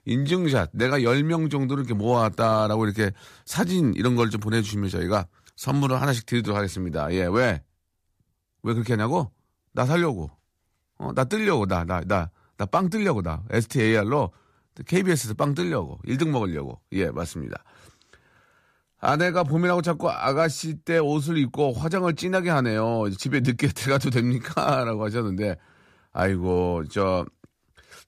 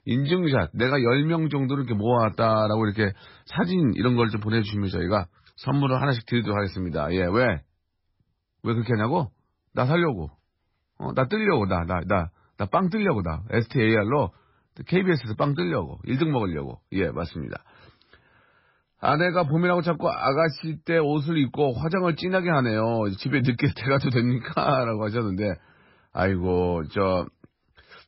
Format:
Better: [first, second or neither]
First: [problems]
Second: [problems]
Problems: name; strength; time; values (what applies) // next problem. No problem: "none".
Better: first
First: none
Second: garbled, watery; badly; nothing above 5.5 kHz